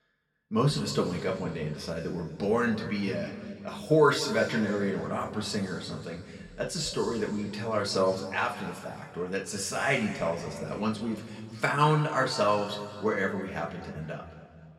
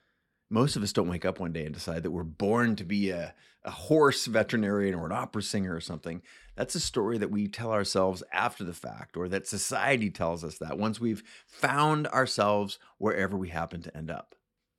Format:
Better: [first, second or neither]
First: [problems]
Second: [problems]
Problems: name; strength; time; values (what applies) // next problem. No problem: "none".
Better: second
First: room echo; slight; dies away in 2.1 s // off-mic speech; somewhat distant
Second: none